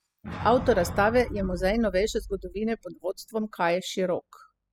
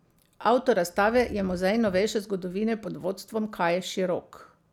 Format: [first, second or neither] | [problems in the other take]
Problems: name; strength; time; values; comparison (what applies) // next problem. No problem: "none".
second | noise reduction (classical method spectral subtraction)